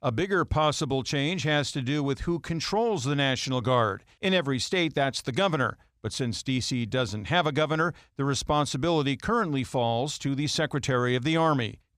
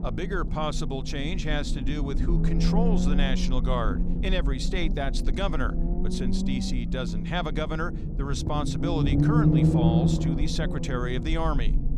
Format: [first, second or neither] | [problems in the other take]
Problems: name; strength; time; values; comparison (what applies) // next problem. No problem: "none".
first | low rumble; loud; throughout; 3 dB below the speech